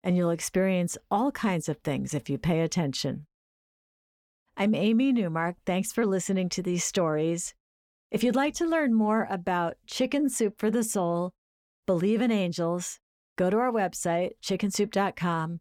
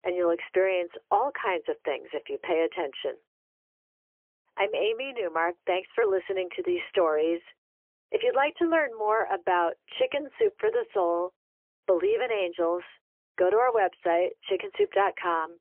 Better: first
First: none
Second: phone-call audio; poor line; nothing above 3 kHz

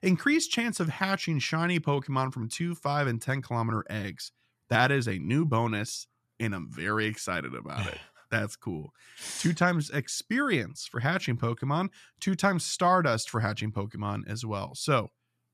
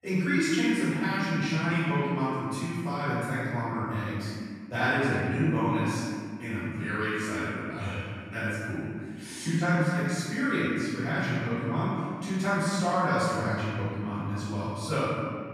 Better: first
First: none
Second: off-mic speech; far // room echo; strong; dies away in 2 s

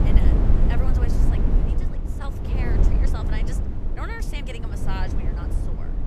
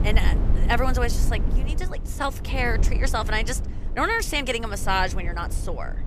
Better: second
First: wind noise on the microphone; heavy; 1 dB above the speech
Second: wind noise on the microphone; occasional gusts; 15 dB below the speech

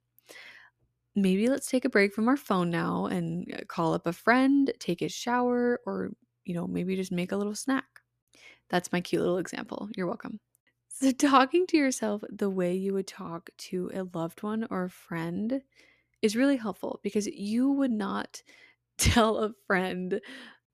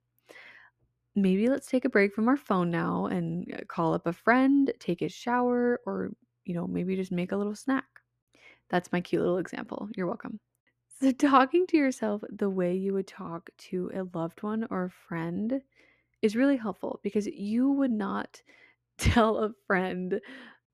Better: first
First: none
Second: muffled; slightly; fading above 3 kHz

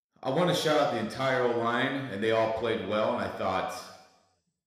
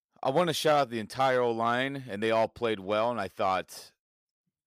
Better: second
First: room echo; noticeable; dies away in 1 s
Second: none

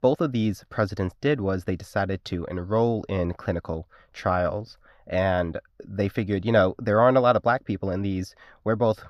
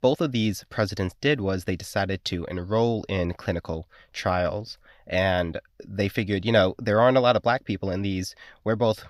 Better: second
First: muffled; slightly; fading above 1.5 kHz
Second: none

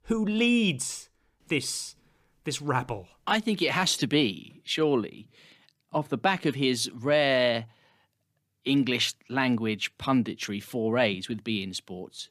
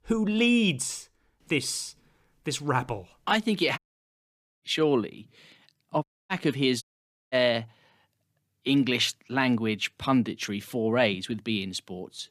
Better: first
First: none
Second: audio cutting out; at 4 s for 1 s, at 6 s and at 7 s for 0.5 s

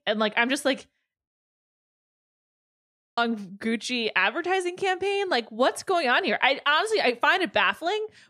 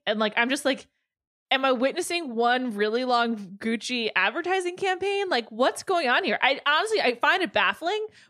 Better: second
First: audio cutting out; at 1.5 s for 2 s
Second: none

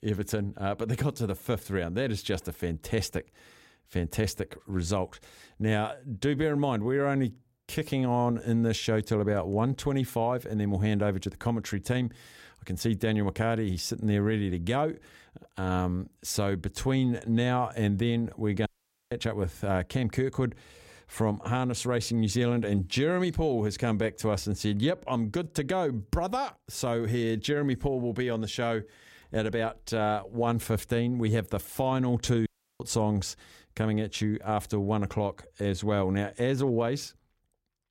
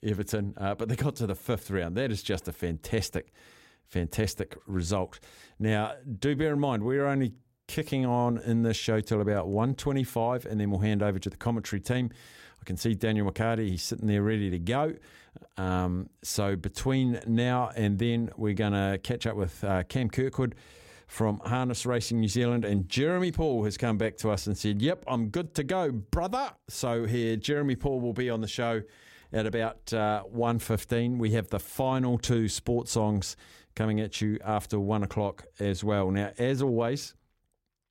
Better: second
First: audio cutting out; at 19 s and at 32 s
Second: none

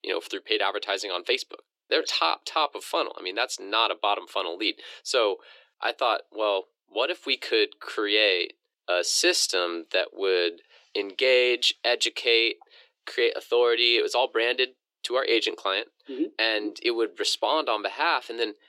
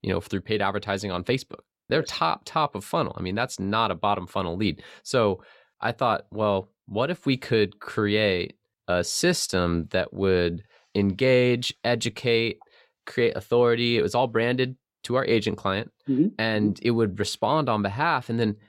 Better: second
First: thin; very; fading below 350 Hz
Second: none

